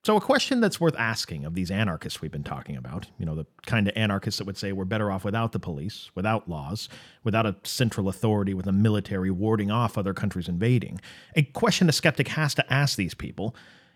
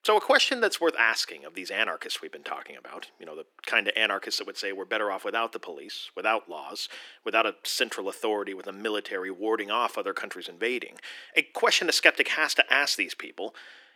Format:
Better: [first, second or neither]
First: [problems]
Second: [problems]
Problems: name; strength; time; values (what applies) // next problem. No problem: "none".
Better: first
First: none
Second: thin; very; fading below 300 Hz